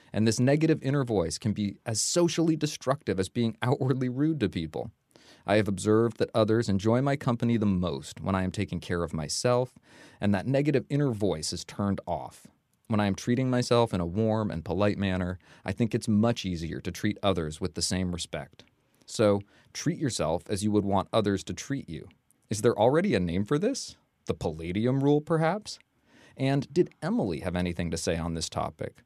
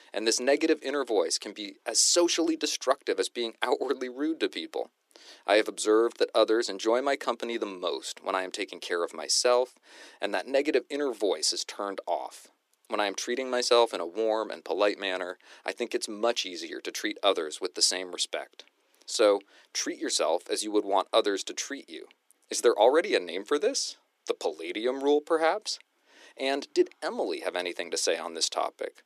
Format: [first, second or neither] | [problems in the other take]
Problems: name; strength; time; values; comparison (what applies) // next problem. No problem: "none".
first | thin; very; fading below 350 Hz